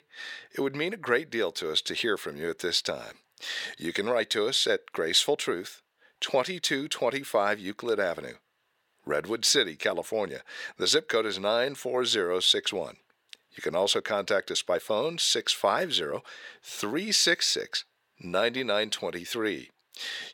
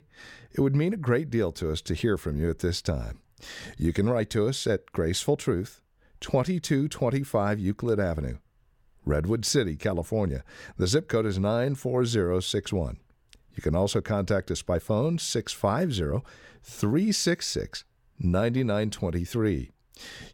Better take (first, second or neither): second